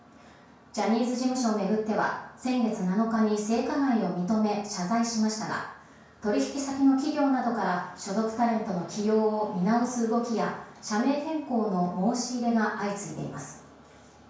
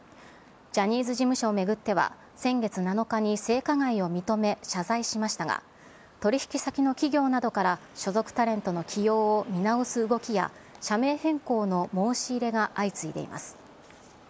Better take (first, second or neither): second